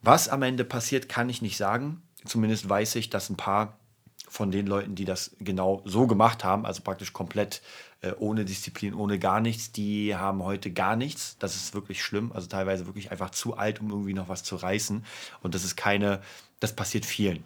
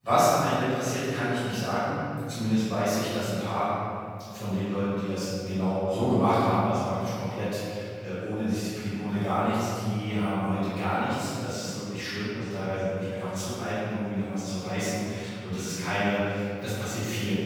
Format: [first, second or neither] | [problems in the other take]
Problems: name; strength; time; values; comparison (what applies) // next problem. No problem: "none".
first | off-mic speech; far // room echo; strong; dies away in 2.4 s